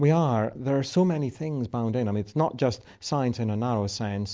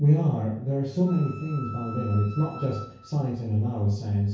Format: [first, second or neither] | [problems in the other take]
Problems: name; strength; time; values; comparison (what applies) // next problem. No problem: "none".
first | background sound (Wind instrument, woodwind instrument); 16 dB below the speech // room echo; dies away in 0.6 s